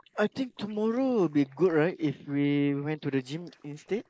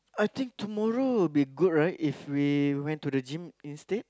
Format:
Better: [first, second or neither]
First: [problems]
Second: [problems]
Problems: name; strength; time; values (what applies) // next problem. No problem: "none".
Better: second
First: noise reduction (neural mask model Resemble Enhance denoiser)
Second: none